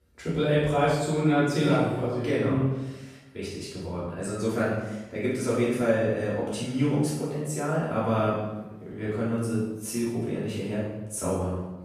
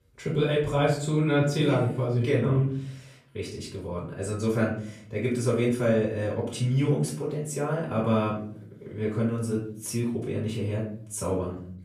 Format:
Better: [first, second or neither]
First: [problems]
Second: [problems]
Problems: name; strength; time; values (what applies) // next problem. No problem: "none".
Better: second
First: room echo; strong; dies away in 0.9 s // off-mic speech; far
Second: room echo; slight; dies away in 0.5 s // off-mic speech; far